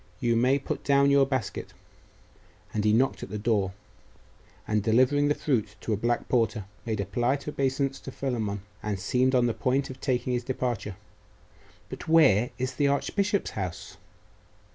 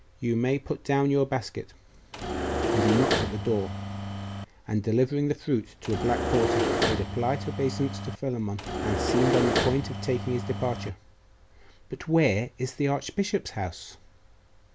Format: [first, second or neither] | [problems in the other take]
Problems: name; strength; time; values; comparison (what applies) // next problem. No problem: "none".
first | background sound (Engine / Mechanisms); as loud as the speech